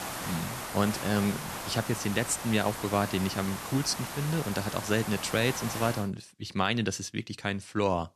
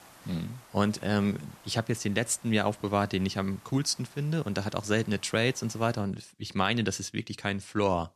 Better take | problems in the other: second | hiss; loud; until 6 s; 6 dB below the speech; faint in the second

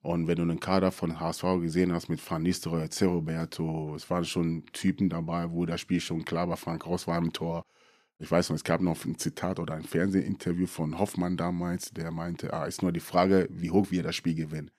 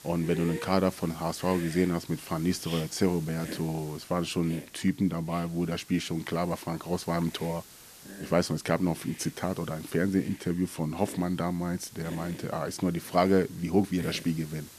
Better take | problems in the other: first | hiss; noticeable; throughout; 15 dB below the speech

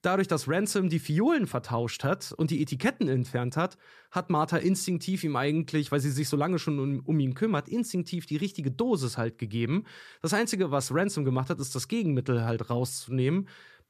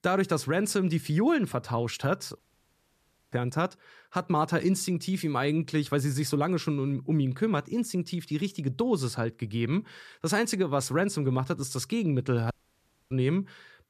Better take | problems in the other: first | audio cutting out; at 2.5 s for 1 s and at 13 s for 0.5 s

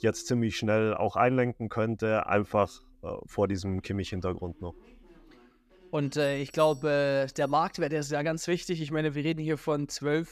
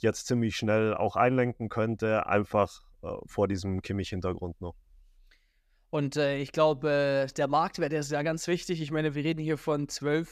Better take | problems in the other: second | alarms or sirens; faint; throughout; 30 dB below the speech

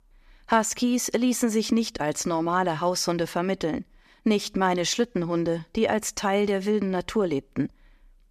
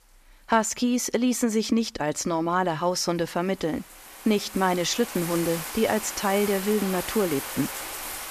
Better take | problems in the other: first | household noises; loud; throughout; 8 dB below the speech

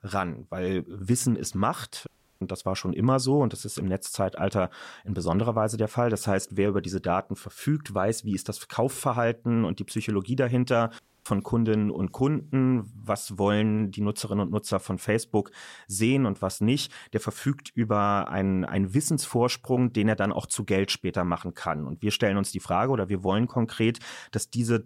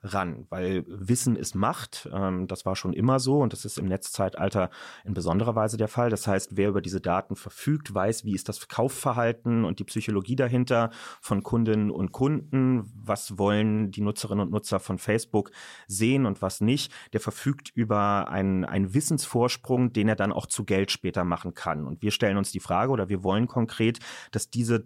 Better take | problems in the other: second | audio cutting out; at 2 s and at 11 s

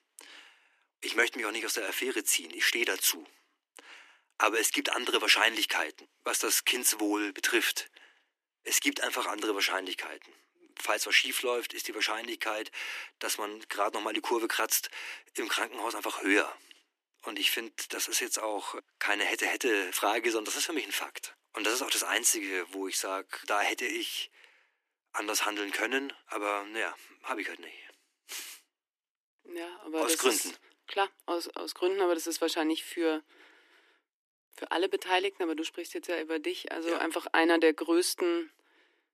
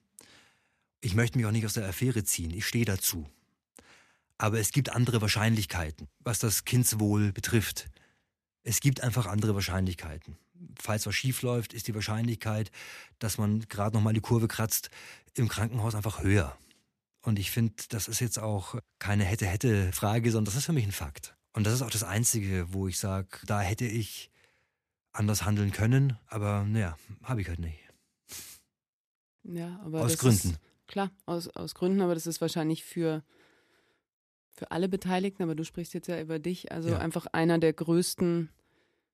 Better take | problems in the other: second | thin; very; fading below 300 Hz

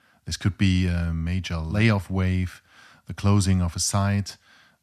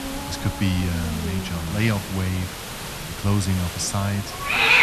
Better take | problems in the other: first | hiss; loud; throughout; 2 dB below the speech

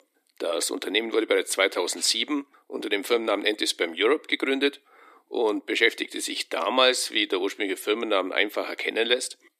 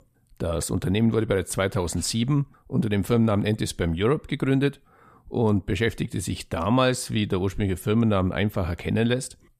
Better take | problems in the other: second | thin; somewhat; fading below 300 Hz

